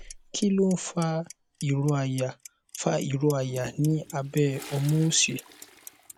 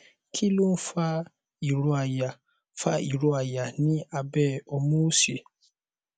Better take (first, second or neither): second